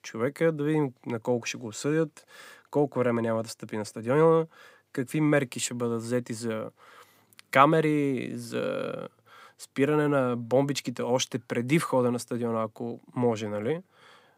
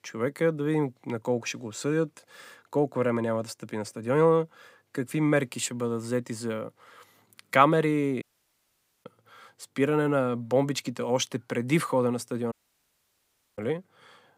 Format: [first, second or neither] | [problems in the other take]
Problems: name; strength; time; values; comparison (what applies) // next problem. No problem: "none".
first | audio cutting out; at 8 s for 1 s and at 13 s for 1 s